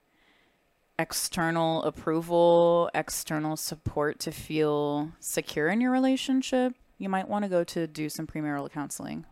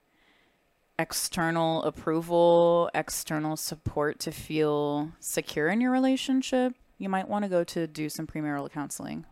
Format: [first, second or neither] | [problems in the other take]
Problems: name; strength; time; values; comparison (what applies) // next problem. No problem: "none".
neither | none